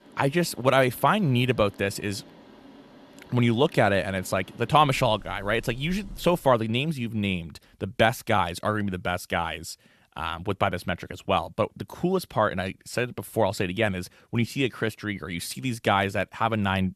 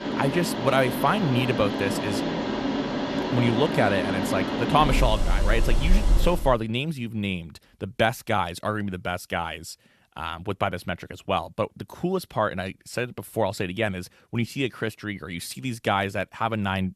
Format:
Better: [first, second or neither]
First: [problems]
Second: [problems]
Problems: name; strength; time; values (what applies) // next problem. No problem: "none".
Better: first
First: machinery noise; faint; until 6.5 s; 25 dB below the speech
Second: machinery noise; loud; until 6.5 s; 1 dB below the speech